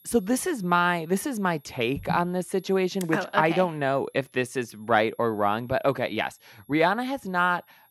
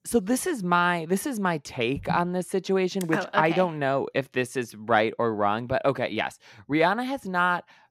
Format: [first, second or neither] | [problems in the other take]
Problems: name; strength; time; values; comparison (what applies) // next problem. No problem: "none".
second | high-pitched whine; faint; throughout; 11.5 kHz, 30 dB below the speech